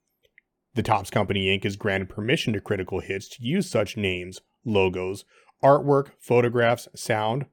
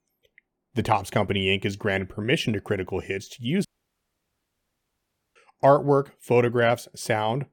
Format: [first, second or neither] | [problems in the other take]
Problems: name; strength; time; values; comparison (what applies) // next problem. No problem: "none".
first | audio cutting out; at 3.5 s for 1.5 s